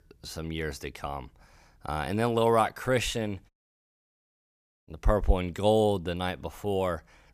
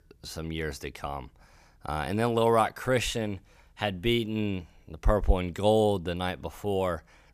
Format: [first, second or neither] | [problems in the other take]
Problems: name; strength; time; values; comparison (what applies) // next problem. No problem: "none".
second | audio cutting out; at 3.5 s for 1.5 s